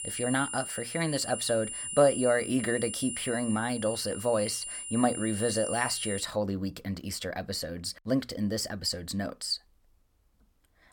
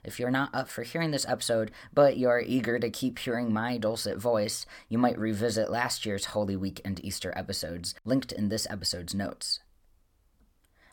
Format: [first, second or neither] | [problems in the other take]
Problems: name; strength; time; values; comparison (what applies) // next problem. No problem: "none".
second | high-pitched whine; loud; until 6 s; 9.5 kHz, 6 dB below the speech